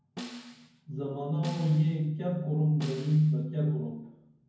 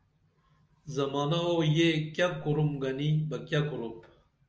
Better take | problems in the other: second | background sound (Snare drum); 17 dB below the speech // room echo; dies away in 0.9 s

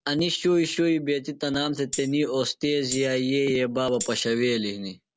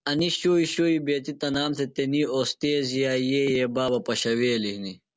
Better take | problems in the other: second | background sound (Tambourine); 10 dB below the speech

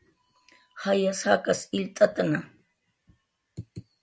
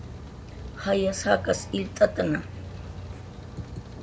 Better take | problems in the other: first | background sound (Rain); 10 dB below the speech

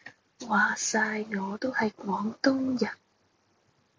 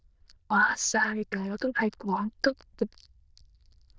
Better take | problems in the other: first | noise reduction (neural diffusion model UNIVERSE++)

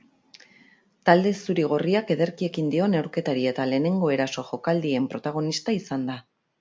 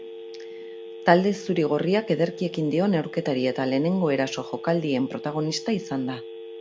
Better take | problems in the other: first | background sound (Telephone); 13 dB below the speech

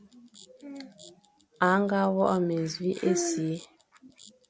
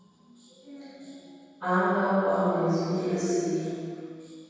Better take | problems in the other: first | room echo; dies away in 2.2 s

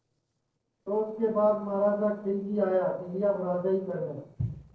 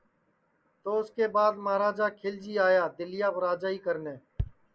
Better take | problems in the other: second | noise reduction (neural separator model SepFormer DNS4)

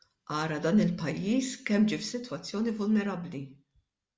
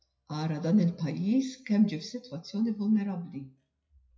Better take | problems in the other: first | noise reduction (classical method WPE with log-MMSE)

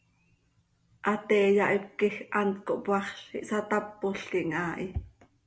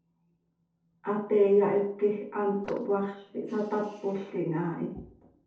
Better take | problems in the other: first | noise reduction (neural separator model SepFormer DNS4)

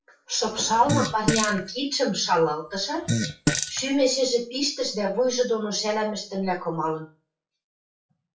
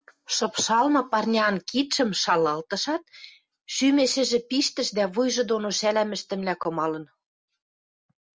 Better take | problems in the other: second | noise reduction (classical method WPE with log-MMSE)

